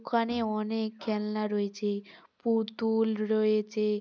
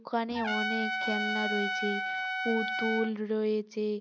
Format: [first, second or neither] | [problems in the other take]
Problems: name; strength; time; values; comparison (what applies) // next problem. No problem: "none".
first | background sound (Trumpet); 1 dB below the speech